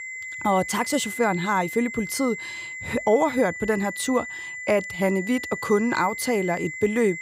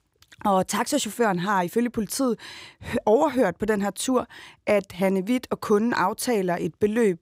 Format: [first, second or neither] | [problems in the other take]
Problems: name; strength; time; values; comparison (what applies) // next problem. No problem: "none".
second | high-pitched whine; loud; throughout; 2 kHz, 8 dB below the speech